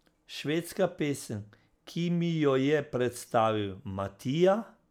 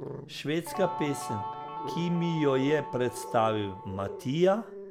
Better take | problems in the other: first | background sound (Growling + Guitar); 9 dB below the speech

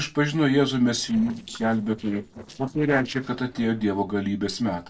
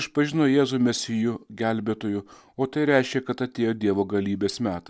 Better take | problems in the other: second | noise reduction (neural separator model SepFormer DNS4)

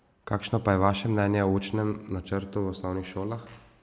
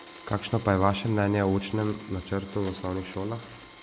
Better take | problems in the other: first | background sound (Domestic sounds, home sounds); 19 dB below the speech

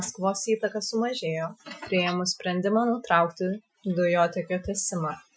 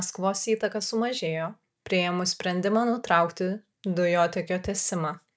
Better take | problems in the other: second | noise reduction (classical method Wiener filter)

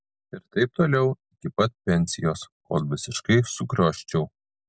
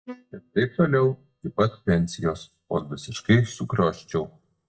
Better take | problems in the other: first | noise reduction (neural mask model DeepFilterNet 3)

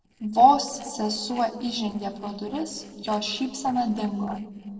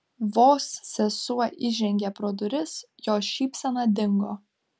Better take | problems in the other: second | noise reduction (neural separator model SepFormer DNS4)

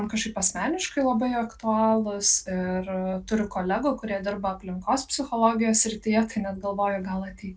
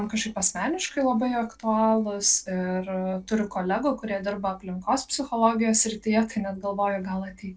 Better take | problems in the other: first | noise reduction (neural separator model SepFormer DNS4)

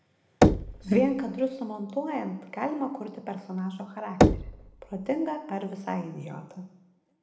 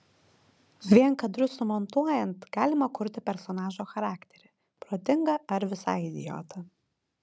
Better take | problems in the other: second | background sound (Knock / Wood); 2 dB above the speech // room echo; dies away in 0.8 s

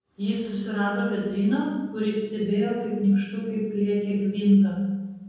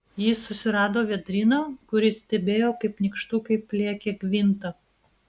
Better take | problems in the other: second | room echo; dies away in 1.3 s

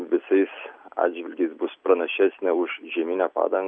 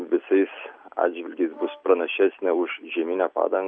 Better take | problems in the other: first | background sound (Brass instrument); 19 dB below the speech

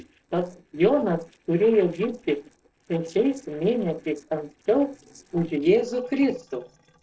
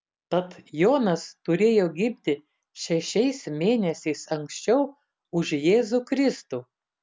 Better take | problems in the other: second | noise reduction (neural separator model SepFormer DNS4)

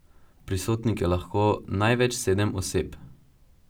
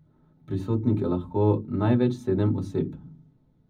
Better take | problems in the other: first | room echo; dies away in 0.4 s

